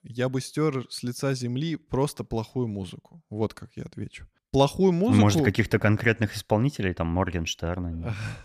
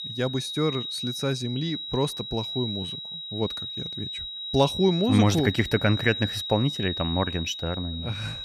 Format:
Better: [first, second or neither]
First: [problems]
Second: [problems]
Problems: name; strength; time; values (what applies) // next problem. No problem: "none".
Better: first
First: none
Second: high-pitched whine; loud; throughout; 4 kHz, 6 dB below the speech